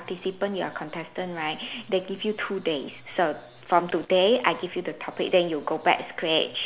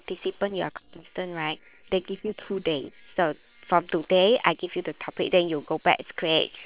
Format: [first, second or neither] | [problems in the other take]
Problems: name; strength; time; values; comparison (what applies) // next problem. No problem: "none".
first | noise reduction (neural separator model SepFormer WHAM!)